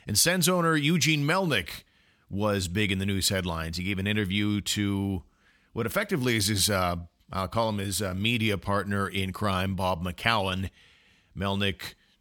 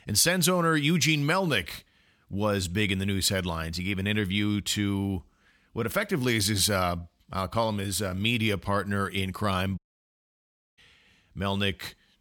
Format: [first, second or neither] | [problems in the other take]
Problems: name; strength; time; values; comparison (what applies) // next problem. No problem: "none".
first | audio cutting out; at 10 s for 1 s